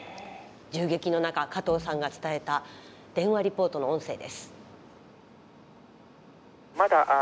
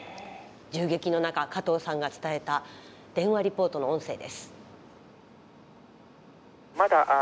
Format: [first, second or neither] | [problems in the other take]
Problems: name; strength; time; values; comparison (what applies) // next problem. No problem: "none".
second | background sound (Bowed string instrument); 17 dB below the speech